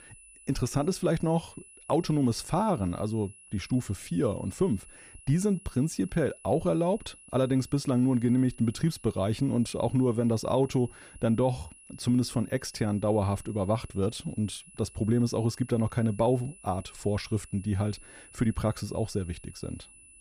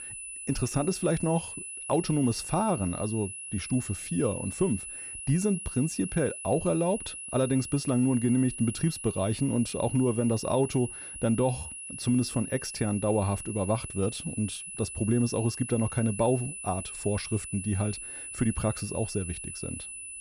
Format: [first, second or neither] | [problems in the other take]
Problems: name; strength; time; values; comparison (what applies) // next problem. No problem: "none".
first | high-pitched whine; loud; throughout; 10 kHz, 8 dB below the speech; faint in the first